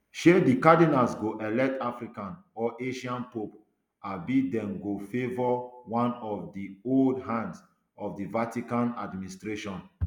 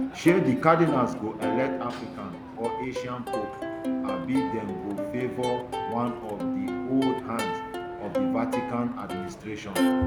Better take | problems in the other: first | background sound (Plucked string instrument); 2 dB below the speech

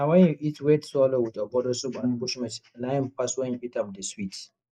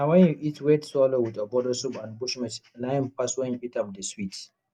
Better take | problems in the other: second | noise reduction (neural mask model Resemble Enhance denoiser)

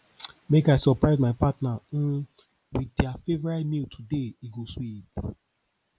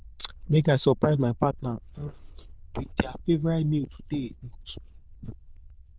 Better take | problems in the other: first | noise reduction (neural diffusion model UNIVERSE++)

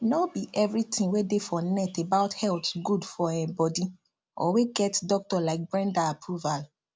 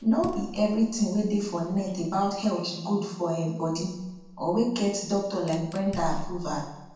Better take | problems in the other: first | background sound (Fire); 13 dB below the speech // room echo; dies away in 0.8 s

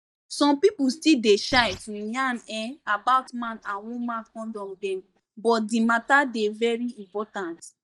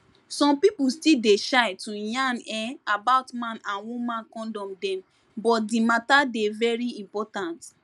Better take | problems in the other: second | noise reduction (neural mask model DeepFilterNet 3)

